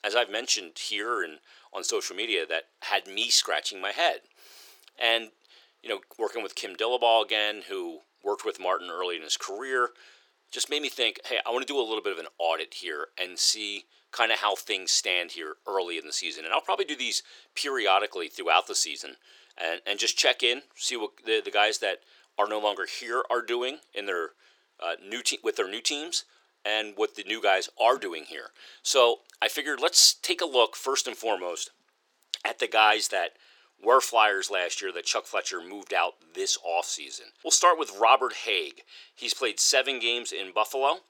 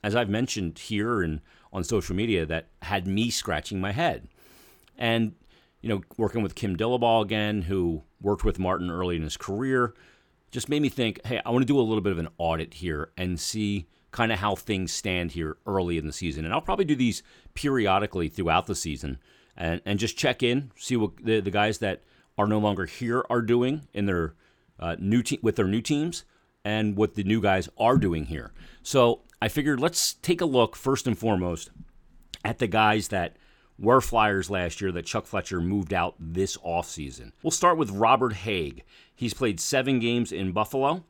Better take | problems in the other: second | thin; very; fading below 400 Hz

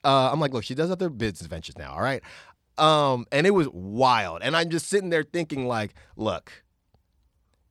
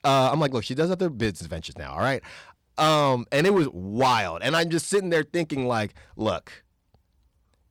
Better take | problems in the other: first | distortion; slight; 4% of the sound clipped

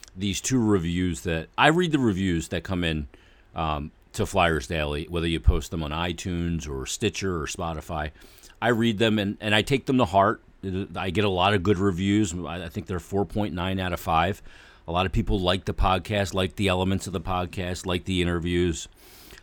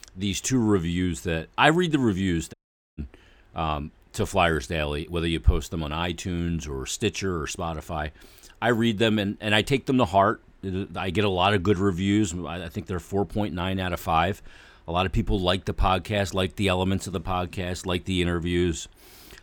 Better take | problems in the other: first | audio cutting out; at 2.5 s

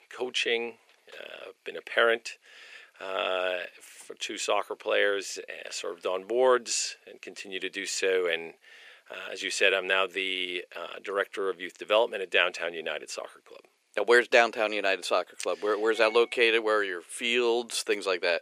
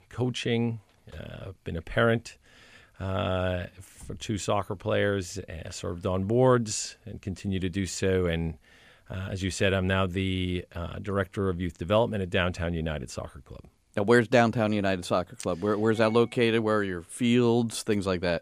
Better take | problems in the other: second | thin; very; fading below 400 Hz

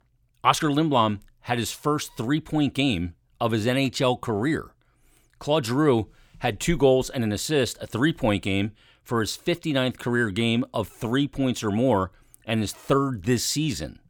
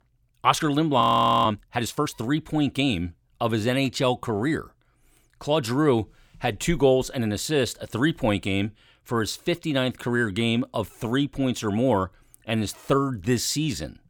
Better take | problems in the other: first | audio freezing; at 1 s

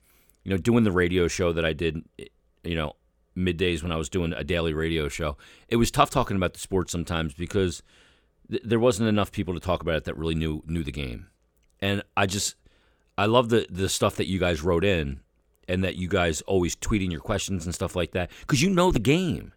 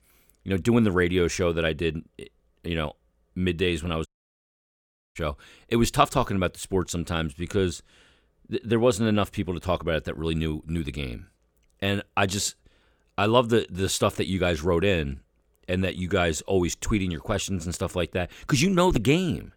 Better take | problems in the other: first | audio cutting out; at 4 s for 1 s

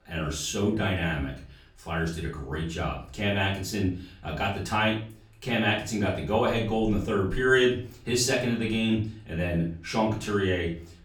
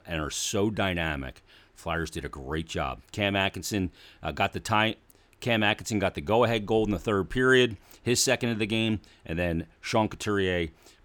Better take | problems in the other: second | off-mic speech; far // room echo; slight; dies away in 0.4 s

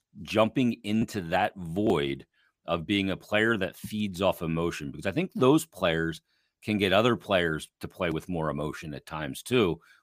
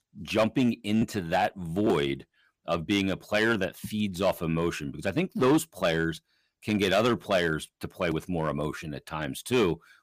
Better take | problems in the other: first | distortion; slight; 3% of the sound clipped

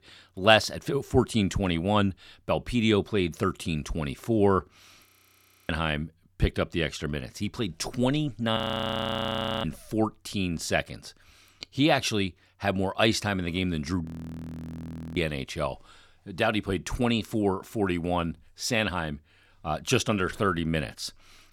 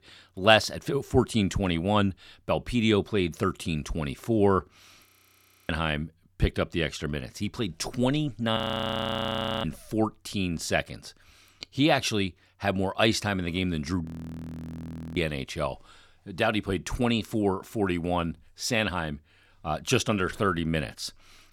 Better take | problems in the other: neither | audio freezing; at 5 s for 0.5 s, at 8.5 s for 1 s and at 14 s for 1 s; the same in both

